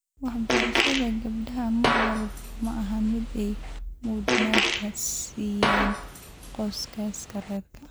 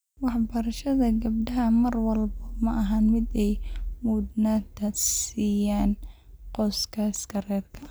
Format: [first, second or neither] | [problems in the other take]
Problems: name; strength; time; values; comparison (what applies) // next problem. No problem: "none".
second | background sound (Fart); as loud as the speech